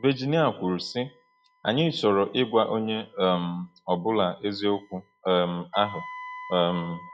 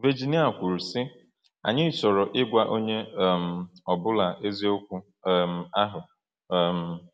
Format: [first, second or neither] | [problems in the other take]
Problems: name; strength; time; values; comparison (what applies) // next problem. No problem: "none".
second | noise reduction (classical method log-MMSE)